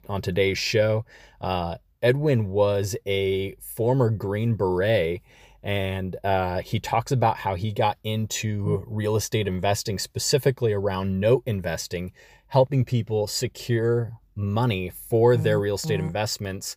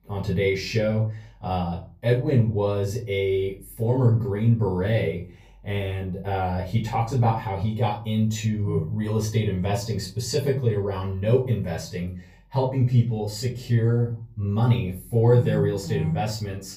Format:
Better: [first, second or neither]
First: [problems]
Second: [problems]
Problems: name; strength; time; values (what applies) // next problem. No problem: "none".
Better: first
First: none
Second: off-mic speech; far // room echo; slight; dies away in 0.4 s